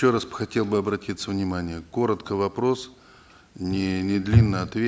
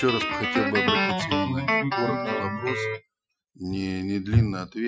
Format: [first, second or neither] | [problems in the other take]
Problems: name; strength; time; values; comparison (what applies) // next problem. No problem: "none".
first | noise reduction (classical method Wiener filter)